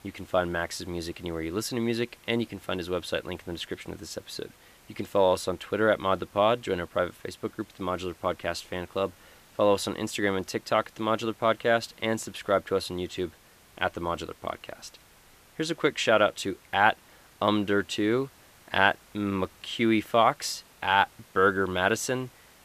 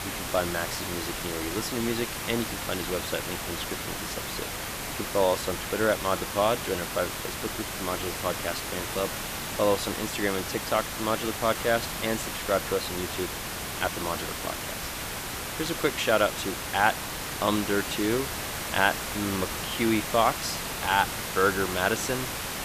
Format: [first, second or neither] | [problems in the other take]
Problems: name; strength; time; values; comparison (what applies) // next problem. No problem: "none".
first | hiss; loud; throughout; 3 dB below the speech; faint in the first